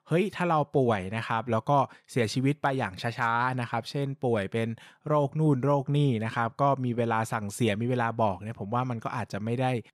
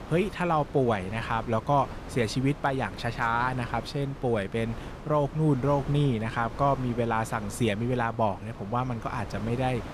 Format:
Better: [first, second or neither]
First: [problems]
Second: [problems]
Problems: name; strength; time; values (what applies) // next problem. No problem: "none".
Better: first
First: none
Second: wind noise on the microphone; occasional gusts; 15 dB below the speech